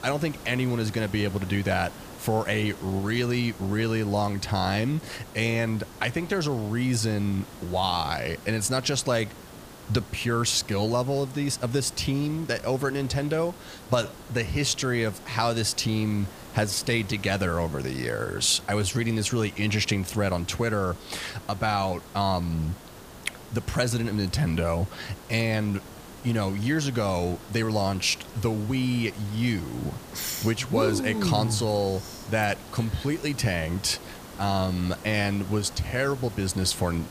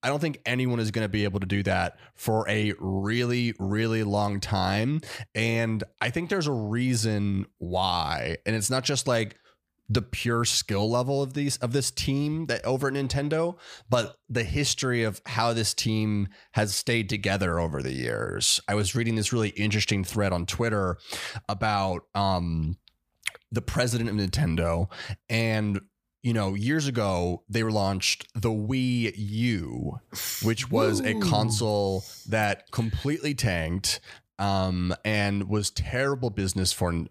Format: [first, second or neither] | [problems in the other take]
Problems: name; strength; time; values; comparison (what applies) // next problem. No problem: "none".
second | hiss; noticeable; throughout; 15 dB below the speech